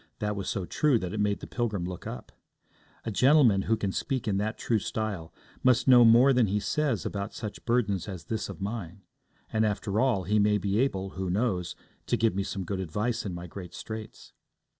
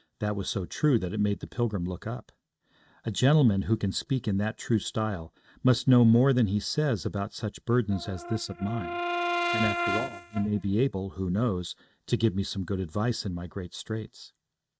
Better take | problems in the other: first | noise reduction (neural mask model RNNoise)

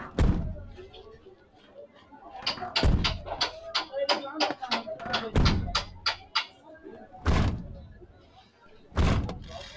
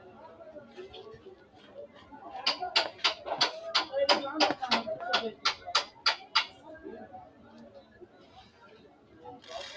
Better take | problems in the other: second | background sound (Truck); 4 dB above the speech

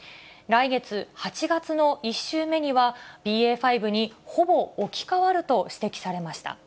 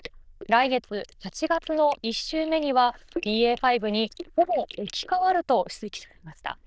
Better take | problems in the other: first | noise reduction (neural diffusion model UNIVERSE++)

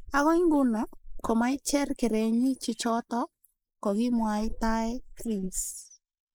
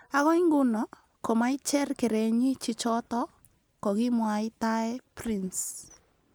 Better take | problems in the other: second | noise reduction (neural mask model Resemble Enhance denoiser)

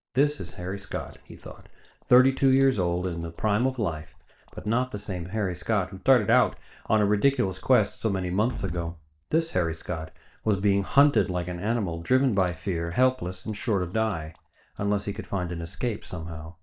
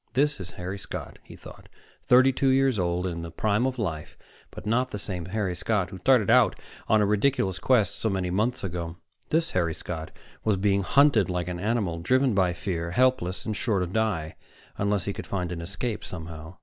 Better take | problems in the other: second | noise reduction (neural mask model DeepFilterNet 3)

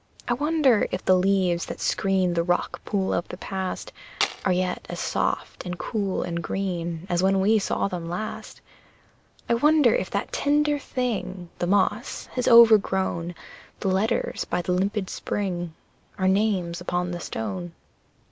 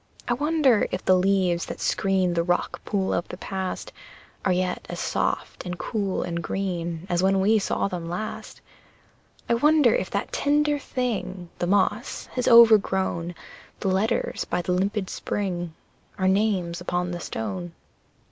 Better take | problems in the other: second | background sound (Tools); 5 dB below the speech

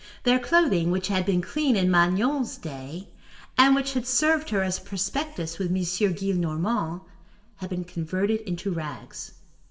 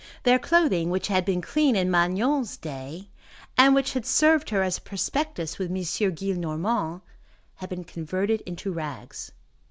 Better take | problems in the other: second | room echo; dies away in 0.7 s

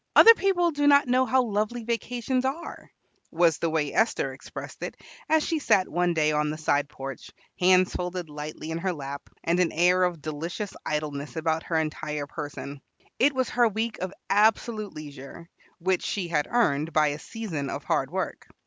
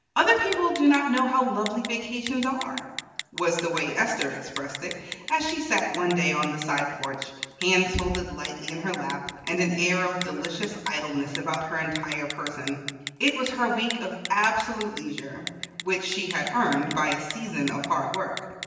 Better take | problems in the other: first | background sound (Telephone); 12 dB below the speech // room echo; dies away in 1.2 s

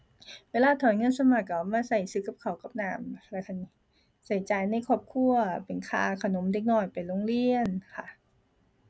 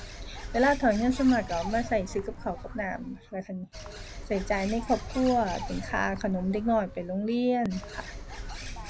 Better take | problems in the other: first | background sound (Bird); 10 dB below the speech

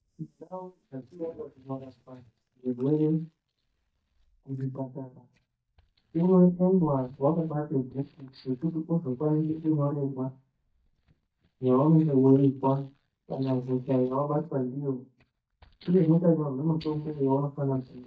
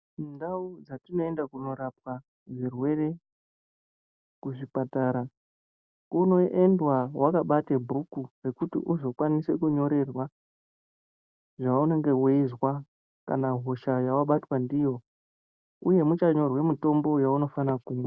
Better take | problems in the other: second | noise reduction (neural mask model DeepFilterNet 3)

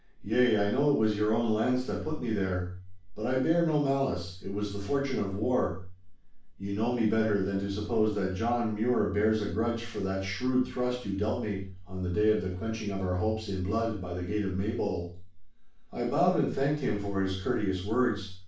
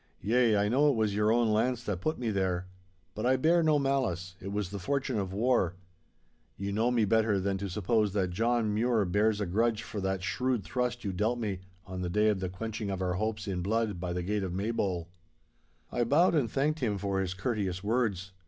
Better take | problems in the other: second | room echo; dies away in 0.3 s

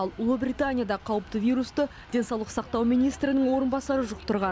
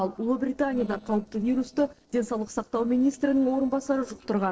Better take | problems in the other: first | noise reduction (neural separator model SepFormer DNS4)

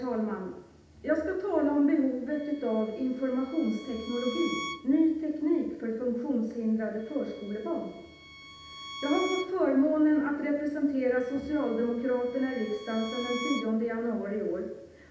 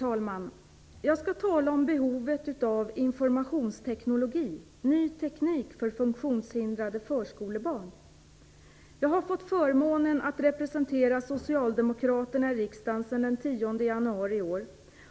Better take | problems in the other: second | background sound (Bowed string instrument); 14 dB below the speech // room echo; dies away in 0.8 s

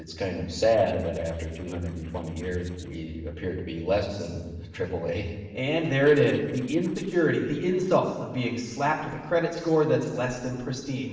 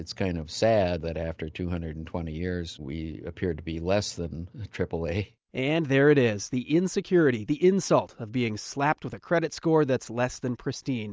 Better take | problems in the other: second | noise reduction (neural separator model SepFormer DNS4)

